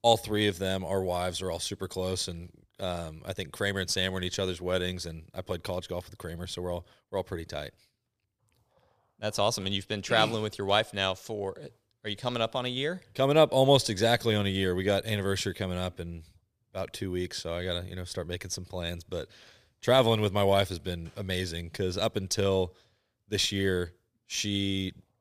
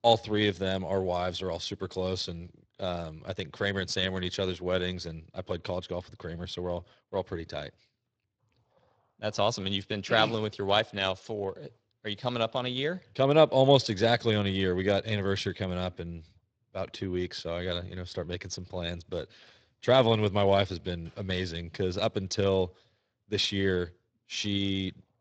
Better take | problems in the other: first | garbled, watery; slightly

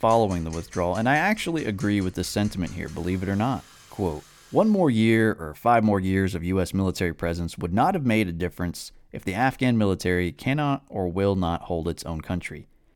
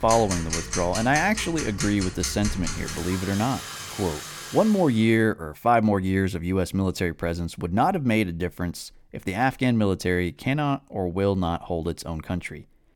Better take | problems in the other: first | household noises; loud; until 5 s; 7 dB below the speech; faint in the first

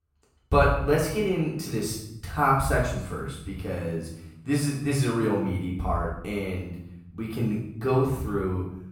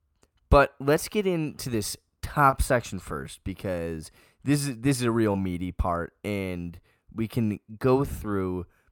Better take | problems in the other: second | off-mic speech; far // room echo; noticeable; dies away in 0.7 s

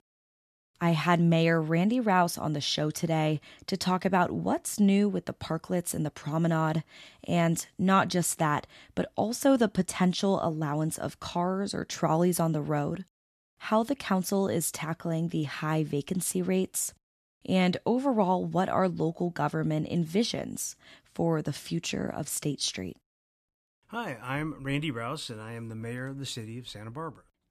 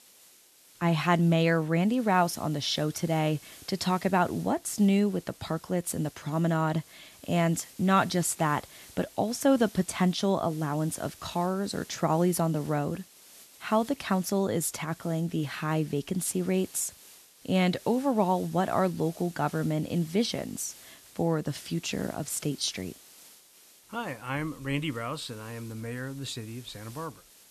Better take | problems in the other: first | hiss; faint; throughout; 20 dB below the speech

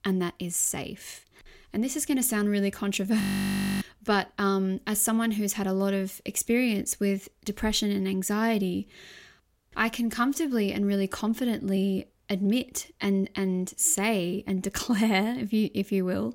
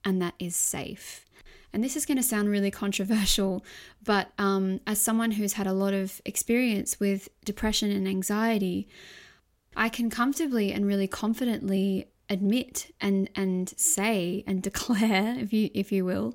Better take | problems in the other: second | audio freezing; at 3 s for 0.5 s

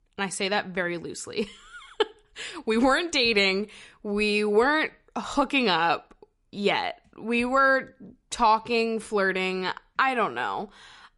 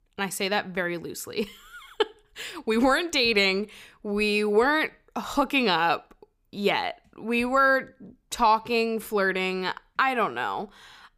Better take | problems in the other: second | garbled, watery; slightly; nothing above 11 kHz

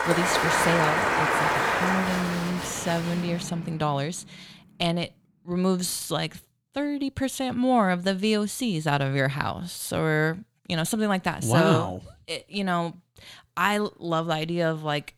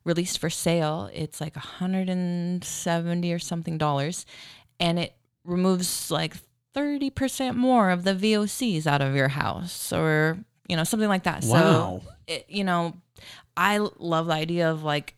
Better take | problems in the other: second | crowd noise; very loud; until 3 s; 1 dB above the speech

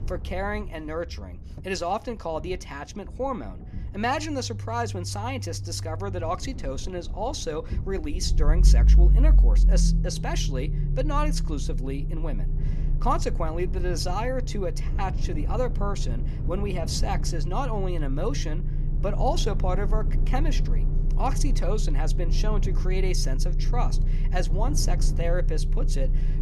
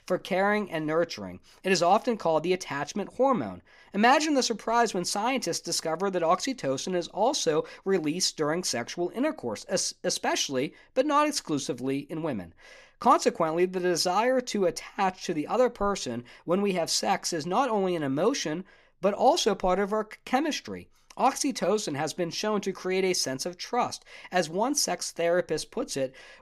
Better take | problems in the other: second | low rumble; noticeable; throughout; 10 dB below the speech

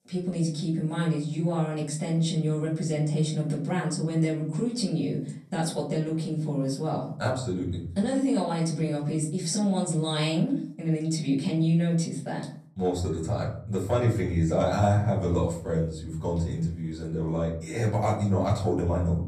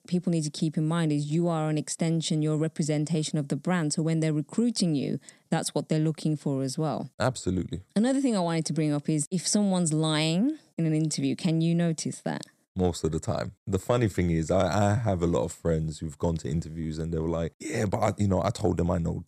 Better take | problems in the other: second | off-mic speech; far // room echo; slight; dies away in 0.6 s

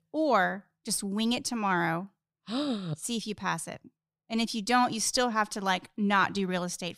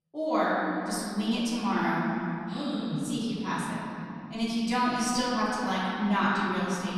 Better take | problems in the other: first | off-mic speech; far // room echo; strong; dies away in 3 s

